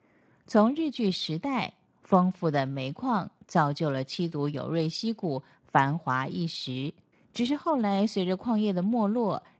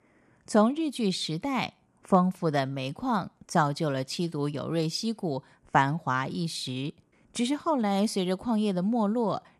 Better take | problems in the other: second | garbled, watery; slightly; nothing above 7.5 kHz

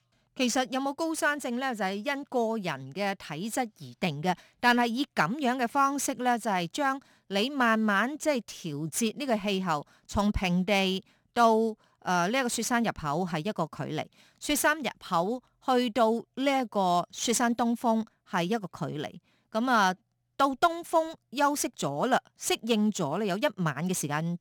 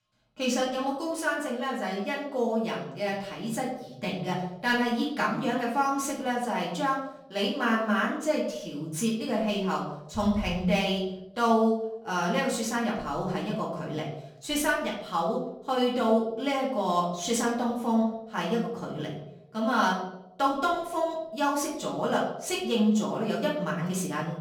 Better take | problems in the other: first | off-mic speech; far // room echo; noticeable; dies away in 0.7 s

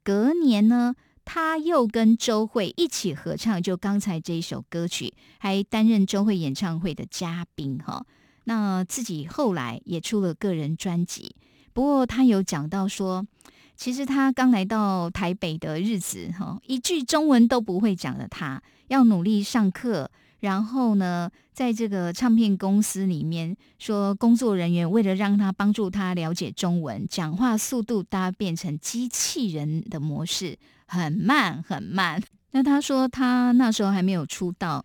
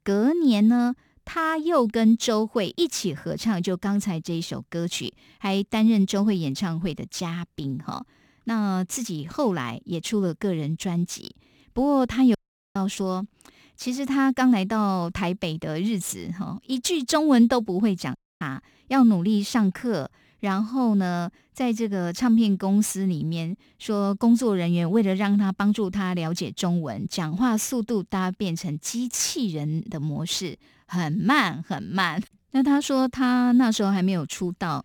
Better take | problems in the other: first | audio cutting out; at 12 s and at 18 s

